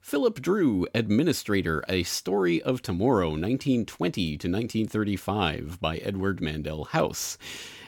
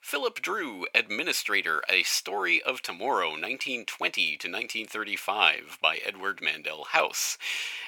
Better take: first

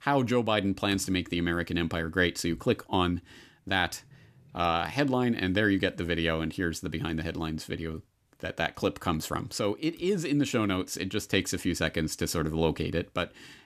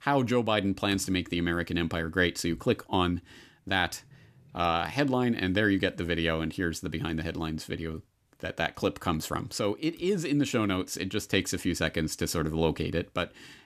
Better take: neither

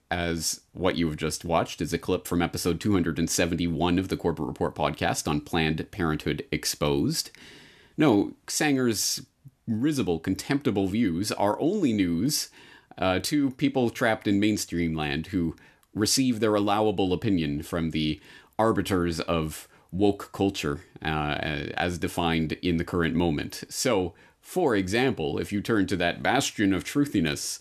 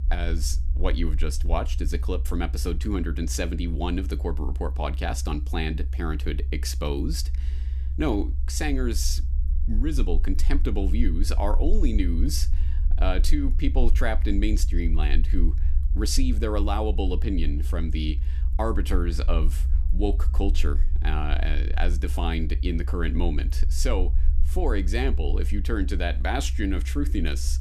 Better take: first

